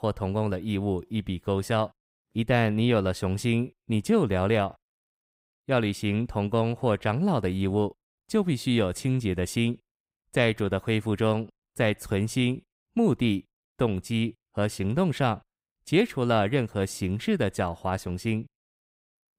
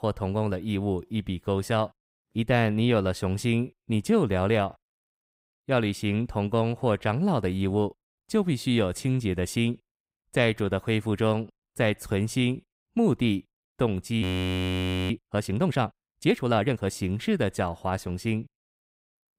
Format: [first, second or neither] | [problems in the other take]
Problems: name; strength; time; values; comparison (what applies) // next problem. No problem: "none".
first | audio freezing; at 14 s for 1 s